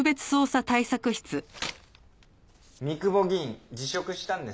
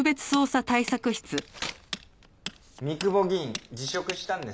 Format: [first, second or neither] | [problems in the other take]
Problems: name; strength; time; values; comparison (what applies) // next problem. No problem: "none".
first | background sound (Tools); 14 dB below the speech